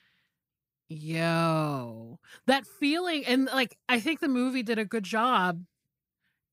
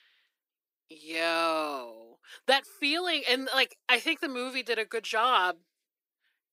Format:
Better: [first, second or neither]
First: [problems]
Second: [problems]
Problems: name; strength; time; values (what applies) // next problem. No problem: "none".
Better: first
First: none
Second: thin; somewhat; fading below 350 Hz